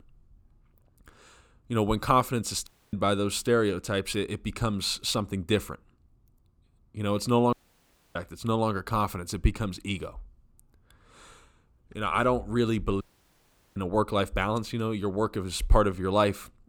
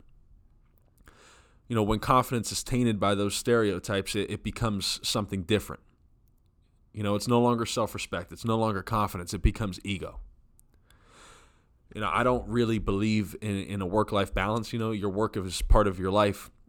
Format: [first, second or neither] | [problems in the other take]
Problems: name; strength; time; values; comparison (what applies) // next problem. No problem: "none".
second | audio cutting out; at 2.5 s, at 7.5 s for 0.5 s and at 13 s for 1 s